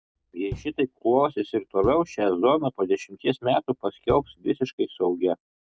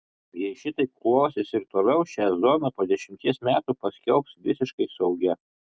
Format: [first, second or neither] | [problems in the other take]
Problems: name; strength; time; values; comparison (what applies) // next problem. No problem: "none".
second | background sound (Knock); 17 dB below the speech